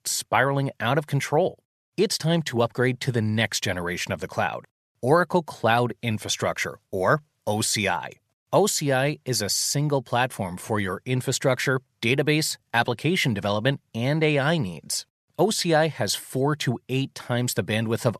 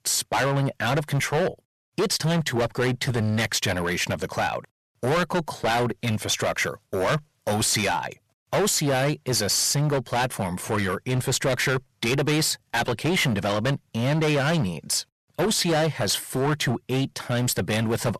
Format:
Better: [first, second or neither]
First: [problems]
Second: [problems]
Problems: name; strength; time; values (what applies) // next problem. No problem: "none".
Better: first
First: none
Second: distortion; heavy; 19% of the sound clipped